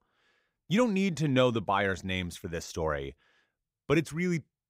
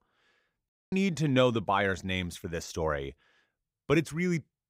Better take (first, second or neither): first